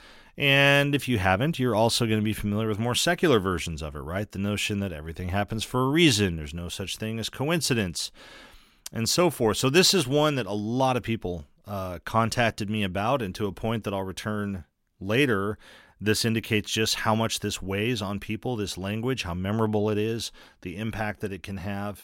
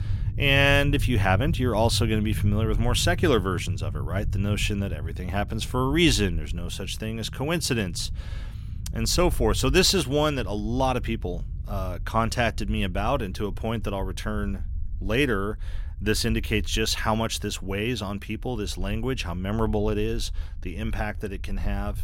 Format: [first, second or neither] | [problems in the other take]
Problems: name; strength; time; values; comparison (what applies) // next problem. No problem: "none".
first | low rumble; faint; throughout; 20 dB below the speech